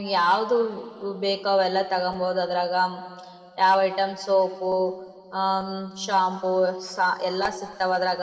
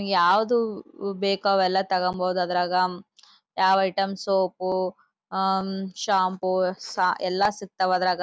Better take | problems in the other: second | room echo; dies away in 2.5 s

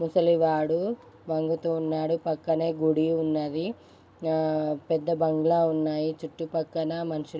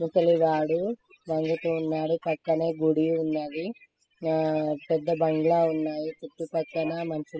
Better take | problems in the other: first | noise reduction (classical method spectral subtraction)

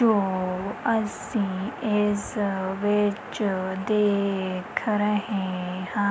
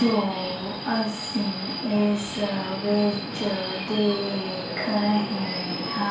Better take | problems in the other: first | background sound (Subway, metro, underground); 7 dB below the speech // room echo; dies away in 0.4 s

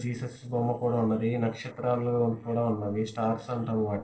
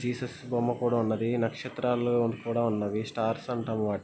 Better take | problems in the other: second | noise reduction (neural separator model SepFormer DNS4)

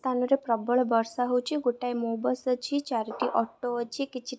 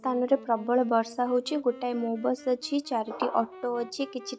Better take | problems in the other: first | background sound (Wind instrument, woodwind instrument); 19 dB below the speech

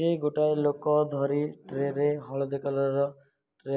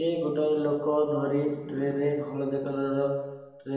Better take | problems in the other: first | room echo; dies away in 1 s

